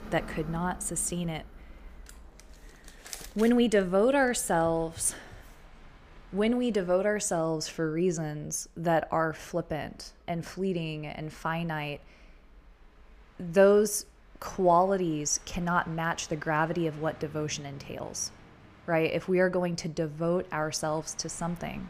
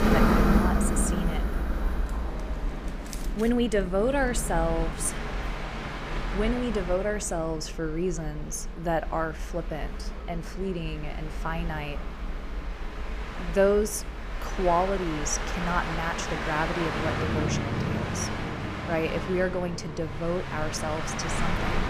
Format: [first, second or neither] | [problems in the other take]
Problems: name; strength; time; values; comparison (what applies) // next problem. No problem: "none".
first | train or aircraft noise; loud; throughout; 2 dB below the speech; faint in the first